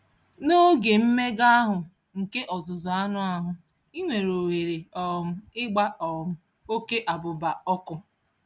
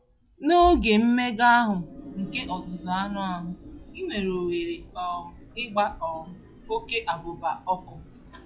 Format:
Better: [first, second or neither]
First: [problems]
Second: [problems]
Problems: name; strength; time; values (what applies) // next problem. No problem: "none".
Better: first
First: none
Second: noise reduction (classical method log-MMSE)